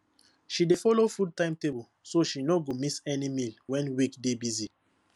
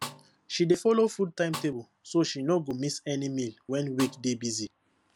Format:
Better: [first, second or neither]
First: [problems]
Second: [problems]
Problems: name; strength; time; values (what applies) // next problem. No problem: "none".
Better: first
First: none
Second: background sound (Snare drum); 14 dB below the speech